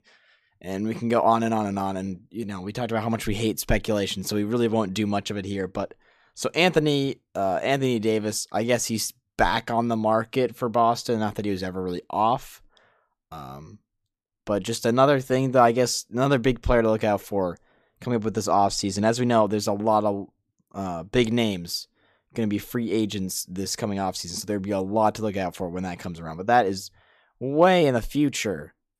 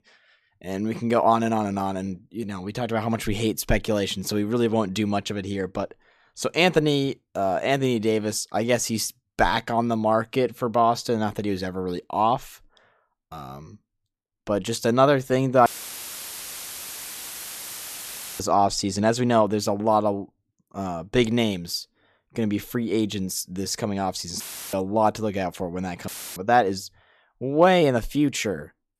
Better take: first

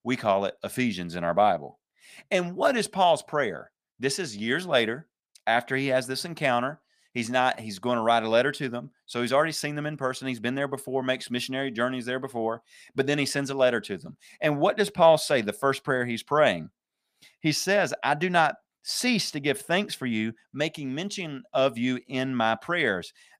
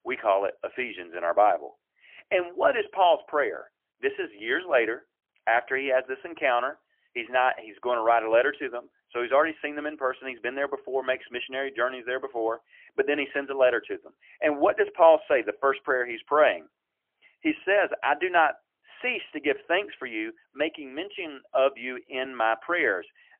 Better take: first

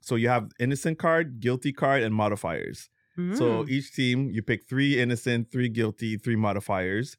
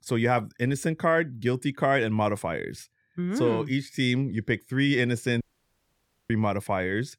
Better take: first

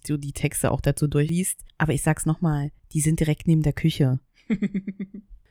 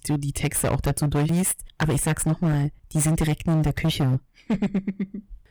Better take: first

